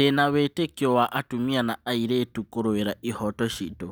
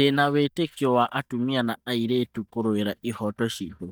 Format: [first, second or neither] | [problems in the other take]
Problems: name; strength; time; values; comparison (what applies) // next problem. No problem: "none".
first | noise reduction (neural mask model DeepFilterNet 3)